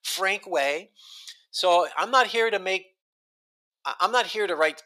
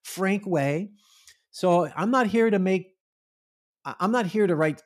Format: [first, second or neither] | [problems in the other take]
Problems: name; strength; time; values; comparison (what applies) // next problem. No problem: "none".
second | thin; very; fading below 550 Hz